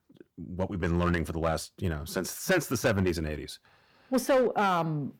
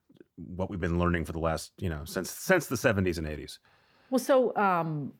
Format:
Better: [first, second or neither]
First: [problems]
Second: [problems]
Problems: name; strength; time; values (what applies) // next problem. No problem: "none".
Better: second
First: distortion; slight; 4% of the sound clipped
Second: none